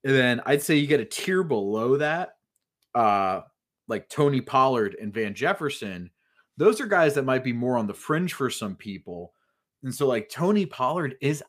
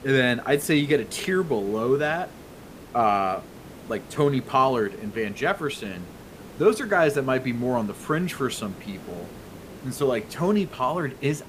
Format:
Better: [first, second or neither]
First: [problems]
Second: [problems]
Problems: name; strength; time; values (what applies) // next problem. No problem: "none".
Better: first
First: none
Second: hiss; noticeable; throughout; 20 dB below the speech